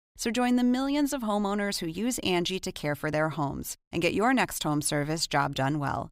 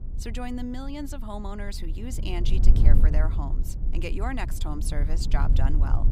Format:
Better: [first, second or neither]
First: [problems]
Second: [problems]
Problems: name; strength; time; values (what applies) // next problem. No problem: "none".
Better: first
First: none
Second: low rumble; loud; throughout; 7 dB below the speech